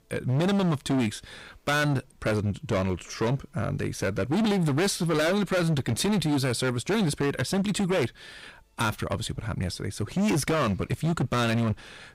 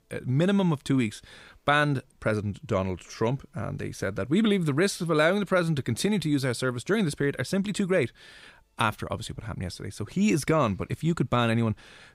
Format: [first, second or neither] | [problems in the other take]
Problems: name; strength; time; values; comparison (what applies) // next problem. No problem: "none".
second | distortion; heavy; 20% of the sound clipped